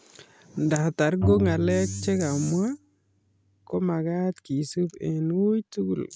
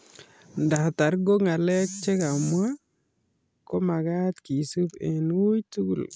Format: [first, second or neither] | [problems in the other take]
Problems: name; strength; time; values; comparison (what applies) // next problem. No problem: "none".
second | background sound (Bowed string instrument); 7 dB below the speech